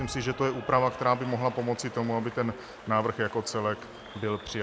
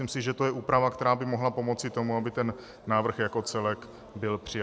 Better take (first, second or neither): second